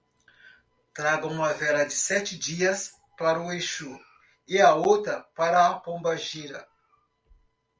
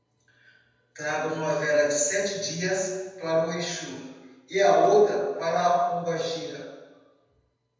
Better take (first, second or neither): first